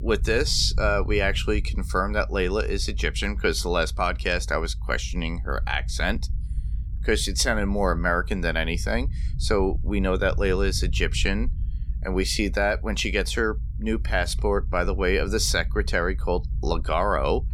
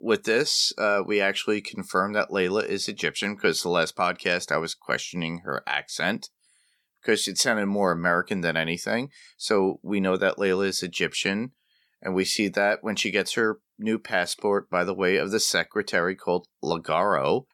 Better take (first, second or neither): second